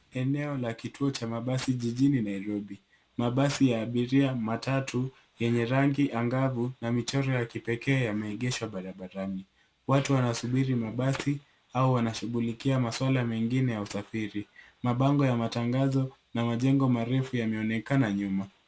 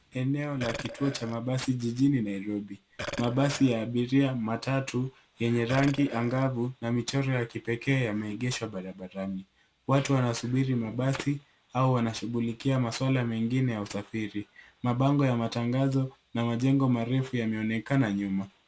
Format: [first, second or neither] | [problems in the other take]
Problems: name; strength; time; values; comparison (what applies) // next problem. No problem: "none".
first | background sound (Burping, eructation); 11 dB below the speech